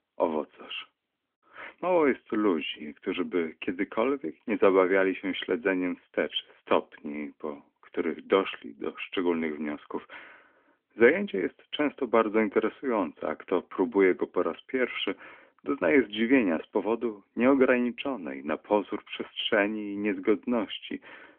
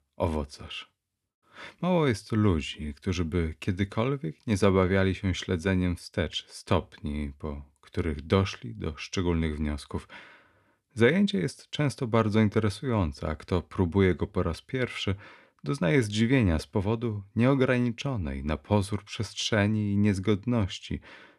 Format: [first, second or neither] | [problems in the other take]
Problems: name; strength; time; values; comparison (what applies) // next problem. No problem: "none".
second | phone-call audio; nothing above 3.5 kHz